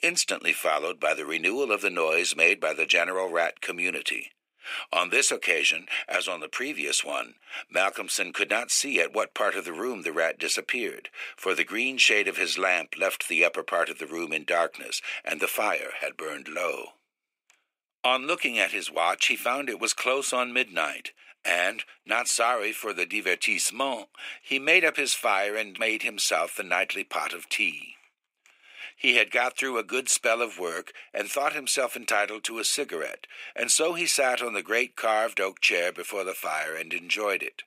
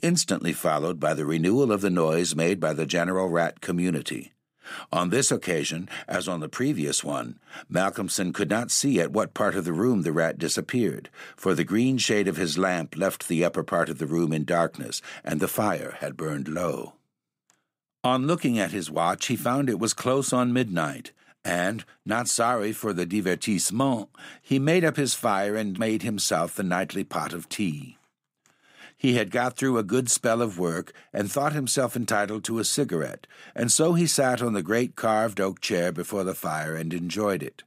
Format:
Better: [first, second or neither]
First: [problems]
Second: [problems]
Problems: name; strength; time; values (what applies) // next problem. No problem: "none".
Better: second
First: thin; very; fading below 400 Hz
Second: none